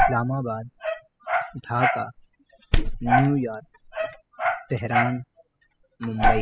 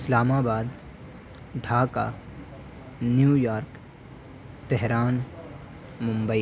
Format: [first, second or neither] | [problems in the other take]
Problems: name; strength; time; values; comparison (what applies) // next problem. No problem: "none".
second | noise reduction (classical method spectral subtraction)